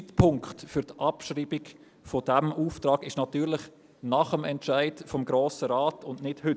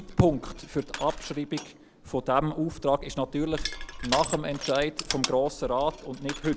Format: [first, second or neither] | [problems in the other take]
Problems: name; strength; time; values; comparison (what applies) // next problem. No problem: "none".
first | background sound (Crushing); 9 dB below the speech